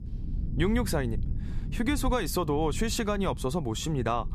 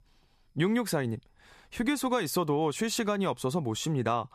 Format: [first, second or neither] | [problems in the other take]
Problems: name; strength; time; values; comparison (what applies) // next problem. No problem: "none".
second | low rumble; noticeable; throughout; 20 dB below the speech